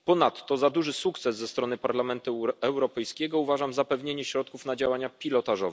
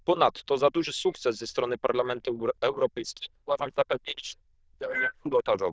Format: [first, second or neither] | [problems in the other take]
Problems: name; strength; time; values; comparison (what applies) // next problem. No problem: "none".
first | noise reduction (neural diffusion model UNIVERSE++)